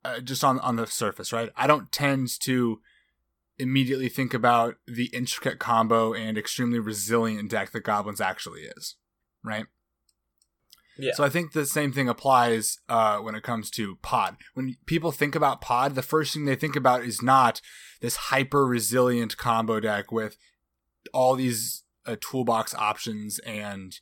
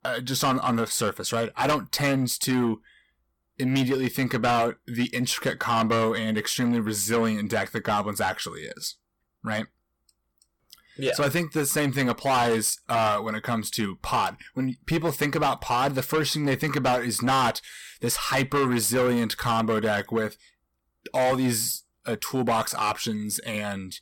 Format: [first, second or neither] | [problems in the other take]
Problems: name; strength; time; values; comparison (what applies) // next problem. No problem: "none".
first | distortion; heavy; 7 dB below the speech